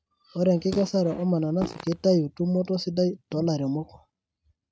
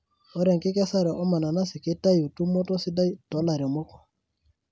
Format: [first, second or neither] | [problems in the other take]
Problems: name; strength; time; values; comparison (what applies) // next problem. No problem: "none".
second | noise reduction (neural mask model RNNoise)